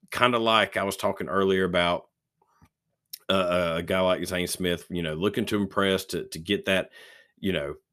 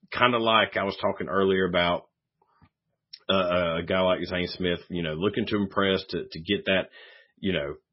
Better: first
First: none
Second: garbled, watery; badly; nothing above 5.5 kHz

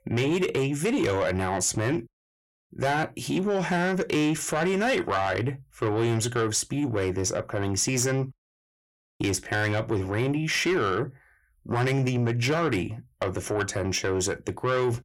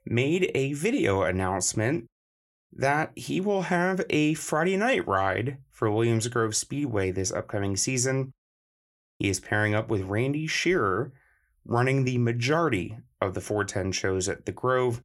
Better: second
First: distortion; slight; 10 dB below the speech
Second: none

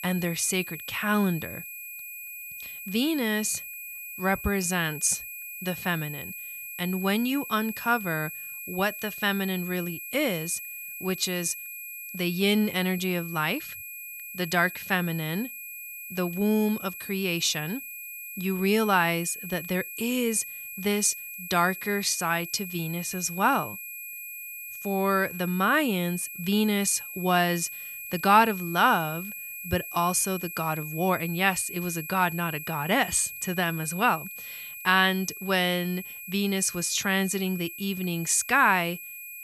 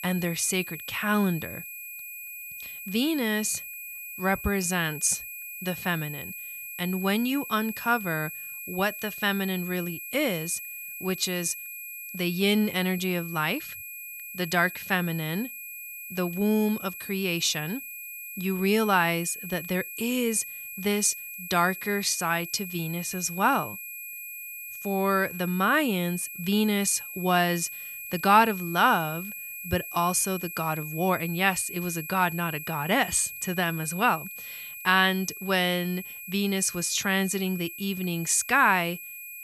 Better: neither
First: high-pitched whine; loud; throughout; 2.5 kHz, 10 dB below the speech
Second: high-pitched whine; loud; throughout; 2.5 kHz, 10 dB below the speech

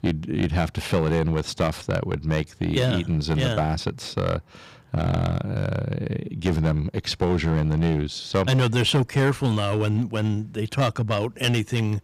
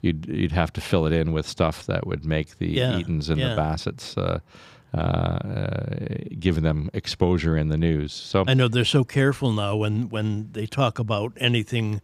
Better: second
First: distortion; slight; 5% of the sound clipped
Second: none

